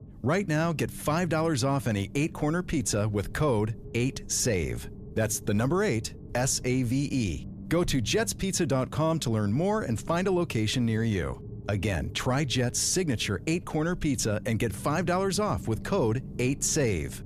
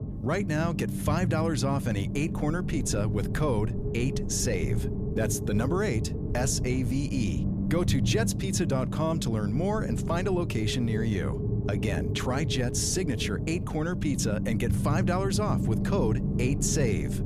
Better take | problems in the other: first | low rumble; loud; throughout; 7 dB below the speech; faint in the first

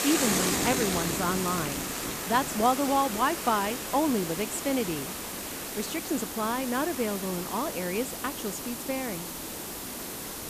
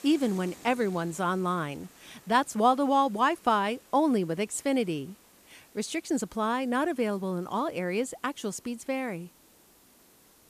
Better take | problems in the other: second | hiss; loud; throughout; 2 dB below the speech; faint in the second

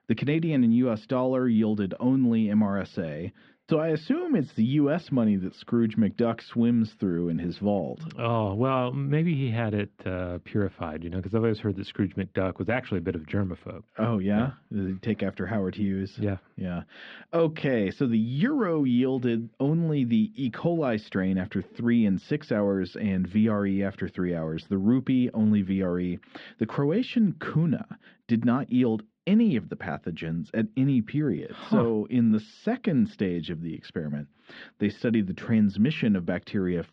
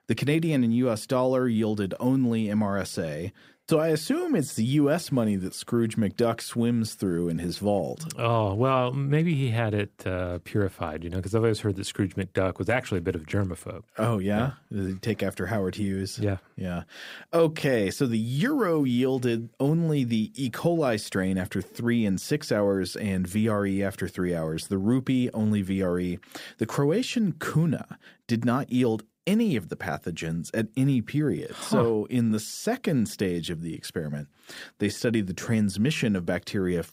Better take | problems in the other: second | muffled; slightly; fading above 3.5 kHz

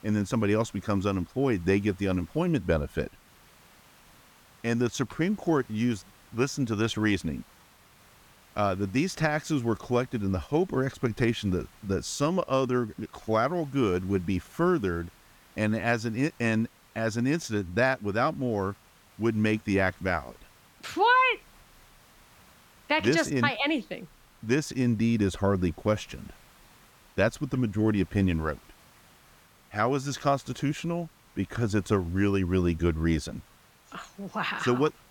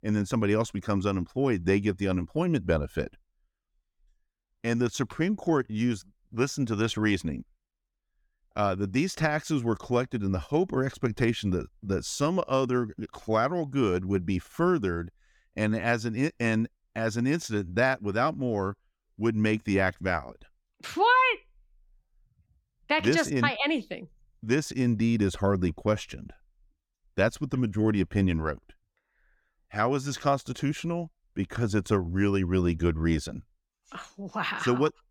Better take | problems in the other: second | hiss; faint; throughout; 30 dB below the speech

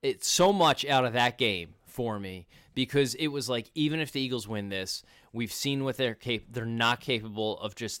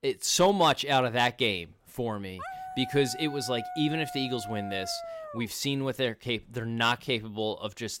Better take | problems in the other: first | dog barking; faint; from 2.5 to 5.5 s; peak 10 dB below the speech

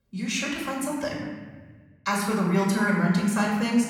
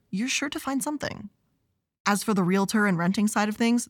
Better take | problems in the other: second | off-mic speech; far // room echo; noticeable; dies away in 1.4 s

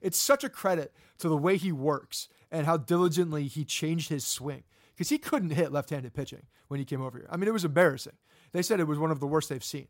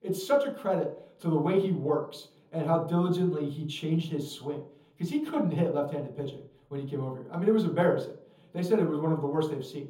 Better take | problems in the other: first | room echo; slight; dies away in 0.7 s // off-mic speech; far

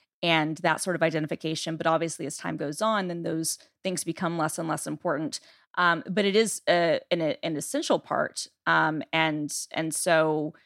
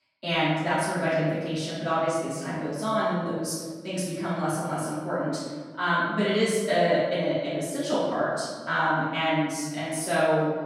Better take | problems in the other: first | off-mic speech; far // room echo; strong; dies away in 1.3 s

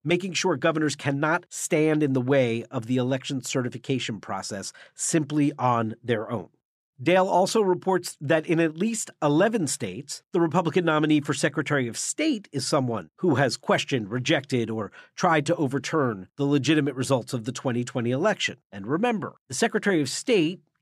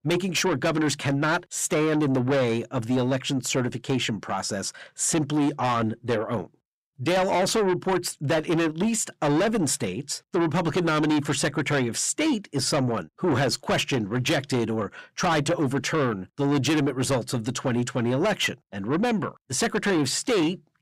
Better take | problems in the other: first | distortion; heavy; 7 dB below the speech

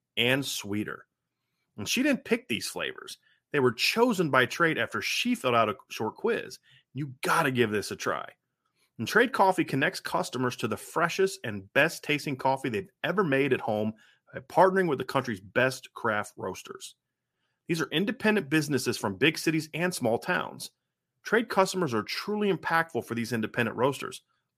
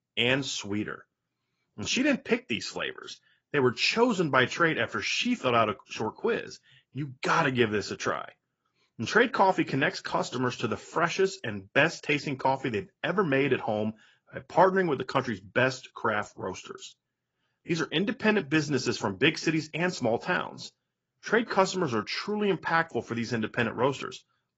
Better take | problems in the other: first | garbled, watery; badly; nothing above 7.5 kHz

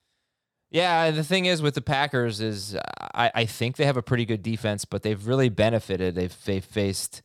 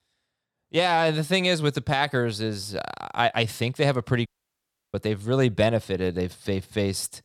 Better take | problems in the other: first | audio cutting out; at 4.5 s for 0.5 s

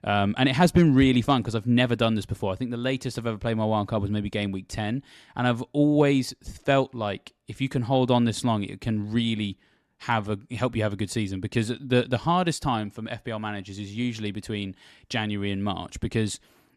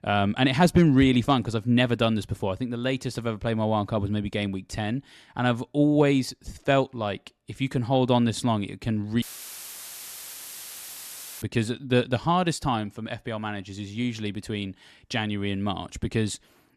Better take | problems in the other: first | audio cutting out; filled with static; at 9 s for 2 s

